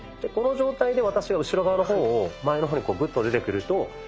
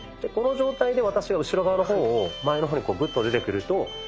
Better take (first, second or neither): first